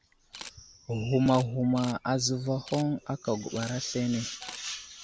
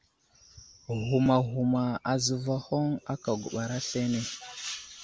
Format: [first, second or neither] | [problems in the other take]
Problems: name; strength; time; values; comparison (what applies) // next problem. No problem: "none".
second | background sound (Camera); 19 dB below the speech